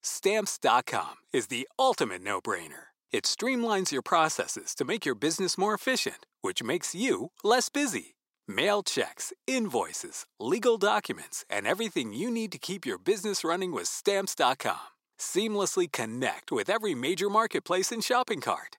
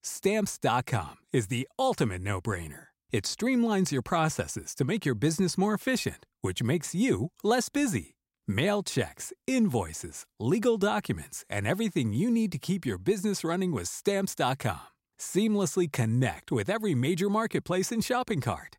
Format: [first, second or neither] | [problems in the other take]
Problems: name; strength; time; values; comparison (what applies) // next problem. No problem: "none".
second | thin; somewhat; fading below 350 Hz